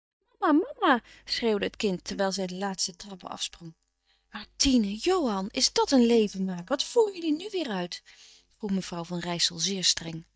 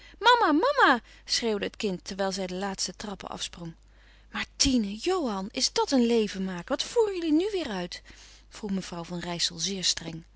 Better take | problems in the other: second | noise reduction (neural mask model DeepFilterNet 3)

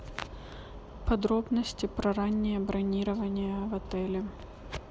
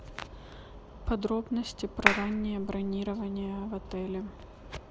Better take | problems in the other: first | background sound (Clapping); 2 dB above the speech

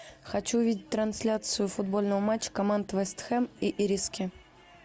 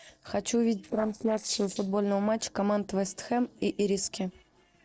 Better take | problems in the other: first | noise reduction (neural separator model SepFormer DNS4)

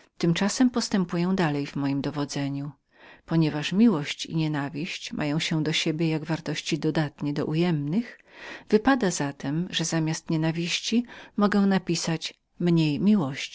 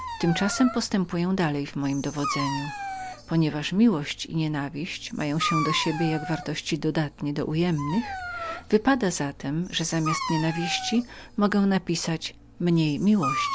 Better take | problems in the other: first | background sound (Dog); 9 dB below the speech

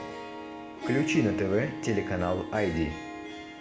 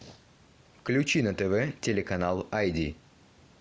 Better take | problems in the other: second | background sound (Harp); 6 dB below the speech // room echo; dies away in 0.7 s

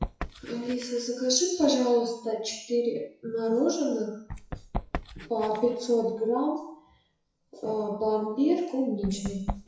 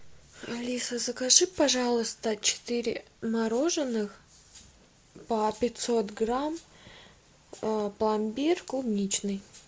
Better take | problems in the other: second | noise reduction (classical method WPE with log-MMSE)

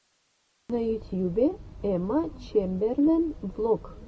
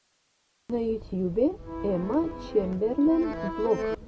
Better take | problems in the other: first | background sound (Accordion); 7 dB below the speech

